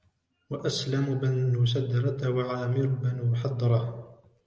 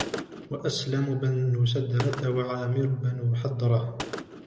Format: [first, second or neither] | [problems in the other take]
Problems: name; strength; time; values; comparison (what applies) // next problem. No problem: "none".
first | background sound (Gunshot, gunfire); 13 dB below the speech